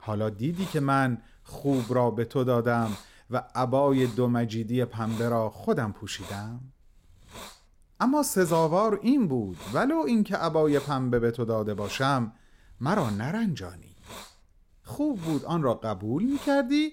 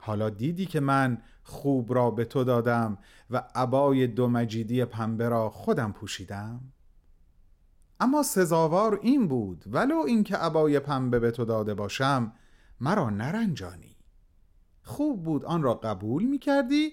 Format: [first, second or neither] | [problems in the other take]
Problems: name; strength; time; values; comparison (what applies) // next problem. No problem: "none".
second | hiss; noticeable; throughout; 20 dB below the speech